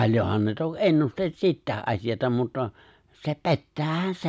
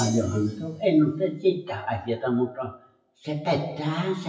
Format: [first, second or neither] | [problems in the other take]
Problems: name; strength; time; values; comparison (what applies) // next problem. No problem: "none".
first | noise reduction (classical method WPE with log-MMSE)